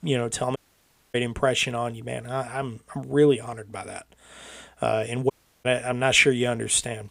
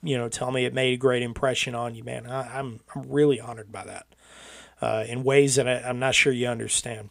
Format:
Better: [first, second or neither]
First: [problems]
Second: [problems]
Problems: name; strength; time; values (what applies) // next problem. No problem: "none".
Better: second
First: audio cutting out; at 0.5 s for 0.5 s and at 5.5 s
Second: none